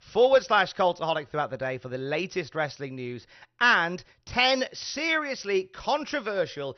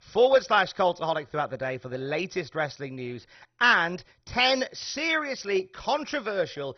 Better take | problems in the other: first | garbled, watery; badly; nothing above 6 kHz; slightly in the first

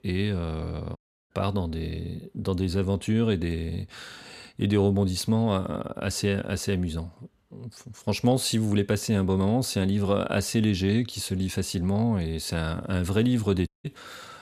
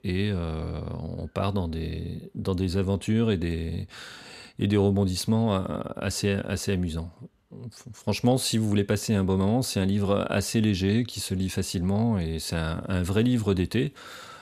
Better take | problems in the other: second | audio cutting out; at 1 s and at 14 s

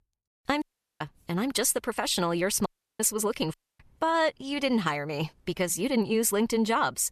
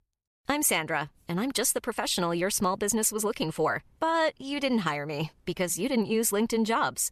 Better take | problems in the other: second | audio cutting out; at 0.5 s, at 2.5 s and at 3.5 s

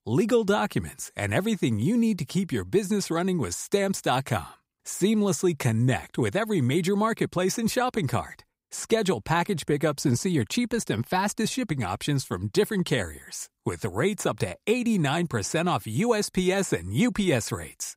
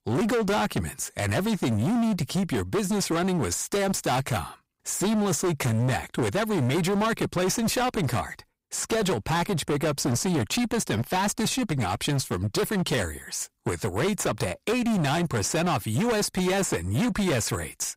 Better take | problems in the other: first | distortion; heavy; 27% of the sound clipped

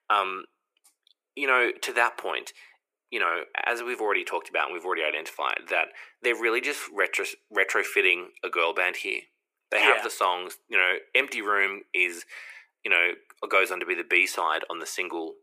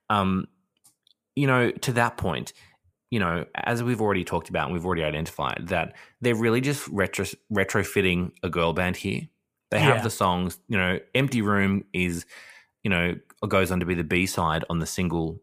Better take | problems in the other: second | thin; very; fading below 350 Hz

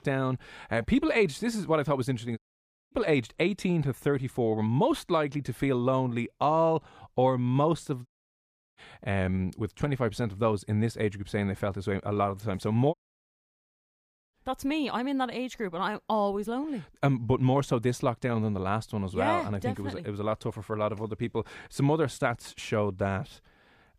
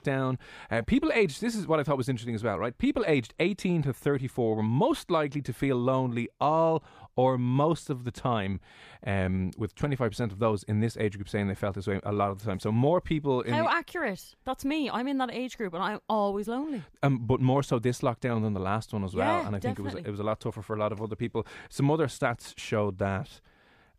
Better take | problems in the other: second | audio cutting out; at 2.5 s for 0.5 s, at 8 s for 0.5 s and at 13 s for 1.5 s

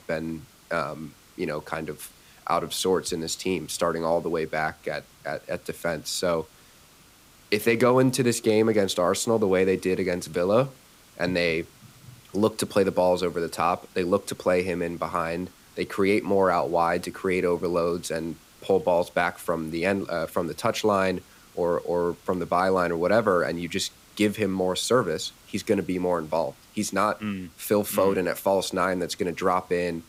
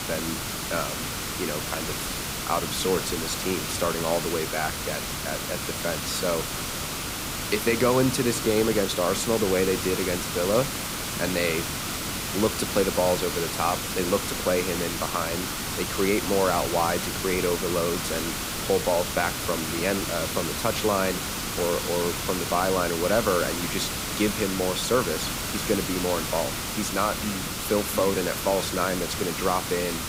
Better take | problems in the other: first | hiss; loud; throughout; 2 dB below the speech; faint in the first

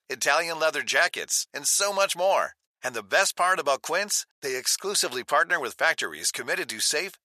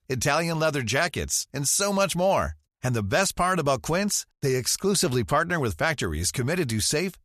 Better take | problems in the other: second | thin; very; fading below 600 Hz

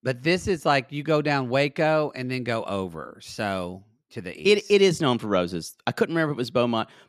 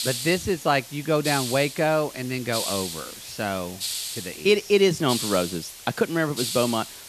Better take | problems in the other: first | hiss; loud; throughout; 7 dB below the speech

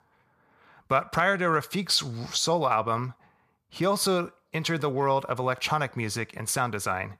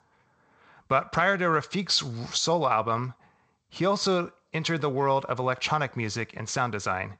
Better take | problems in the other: first | garbled, watery; slightly; nothing above 7.5 kHz

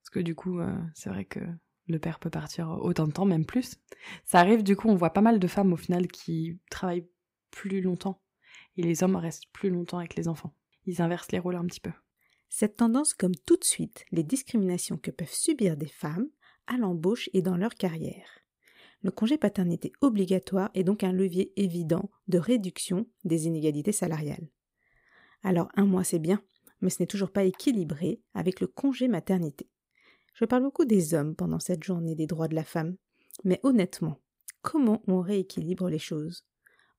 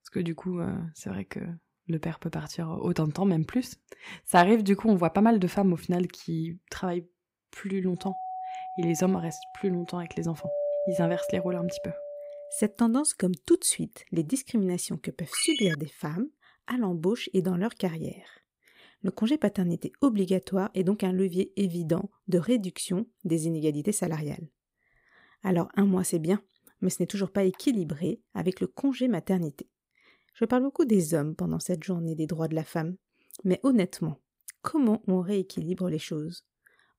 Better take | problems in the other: first | doorbell; noticeable; from 8 to 13 s; peak 1 dB below the speech // phone ringing; noticeable; at 15 s; peak 1 dB below the speech

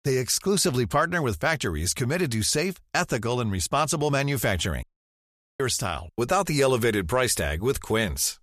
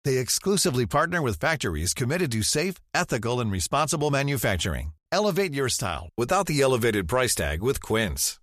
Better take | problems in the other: second | audio cutting out; at 5 s for 1 s

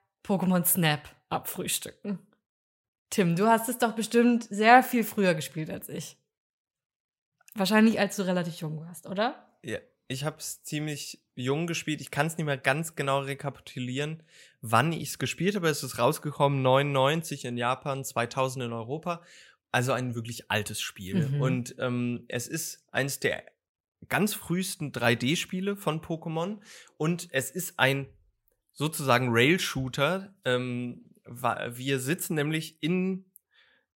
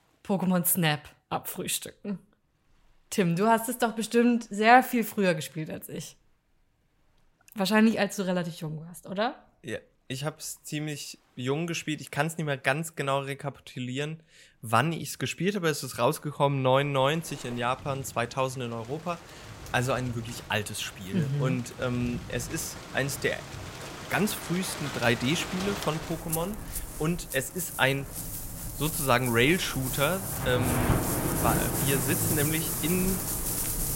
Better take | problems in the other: first | rain or running water; loud; throughout; 4 dB below the speech

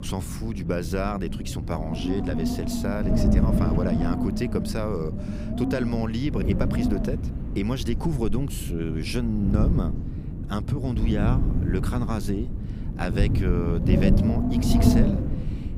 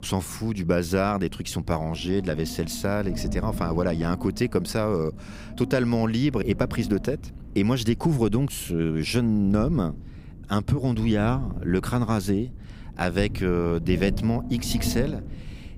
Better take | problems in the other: second | wind noise on the microphone; heavy; 2 dB below the speech; occasional gusts in the second

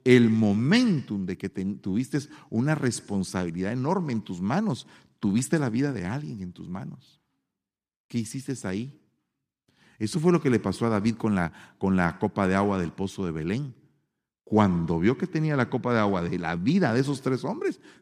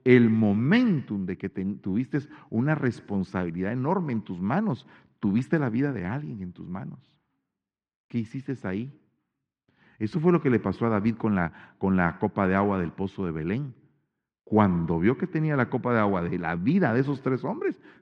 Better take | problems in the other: first | muffled; very; fading above 2 kHz

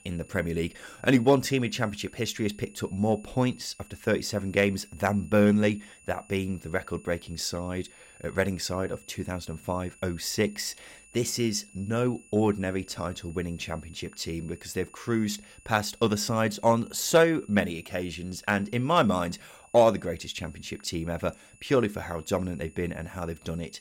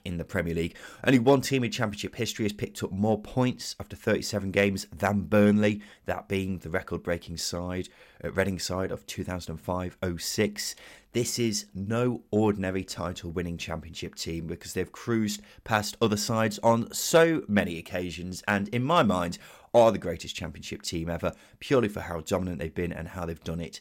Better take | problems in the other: second | high-pitched whine; faint; throughout; 2.5 kHz, 25 dB below the speech

